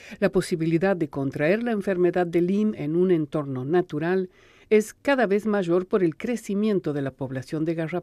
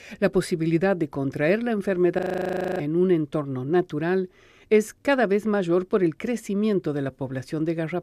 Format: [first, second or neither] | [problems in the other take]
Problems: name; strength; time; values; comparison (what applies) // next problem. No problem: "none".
first | audio freezing; at 2 s for 0.5 s